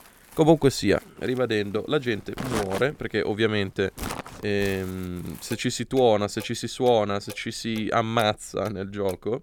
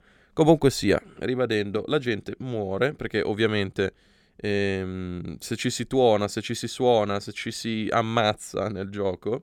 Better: second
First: household noises; noticeable; throughout; 15 dB below the speech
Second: none

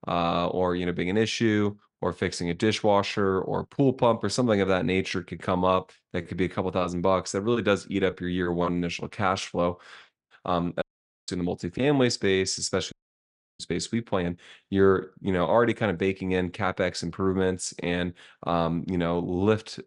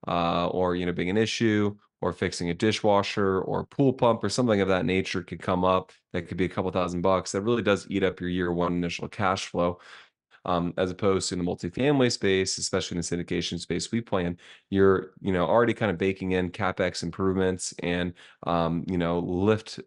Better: second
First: audio cutting out; at 11 s and at 13 s for 0.5 s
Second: none

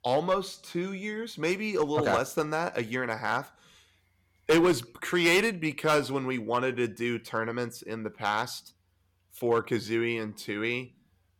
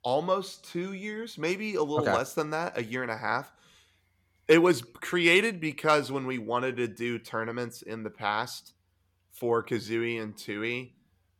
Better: second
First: distortion; slight; 2% of the sound clipped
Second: none

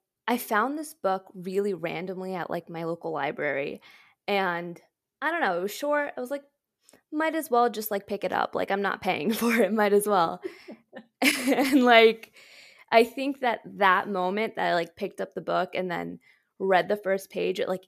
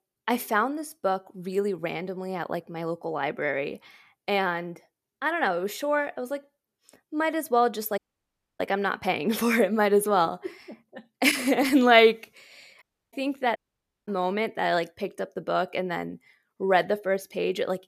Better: first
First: none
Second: audio cutting out; at 8 s for 0.5 s, at 13 s and at 14 s for 0.5 s

